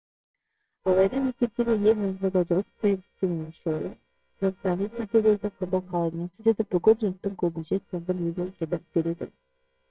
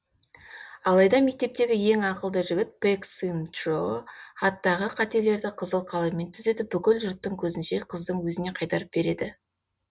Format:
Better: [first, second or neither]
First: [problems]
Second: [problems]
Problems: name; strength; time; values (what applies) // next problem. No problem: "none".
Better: second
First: noise reduction (neural separator model SepFormer WHAMR!)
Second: none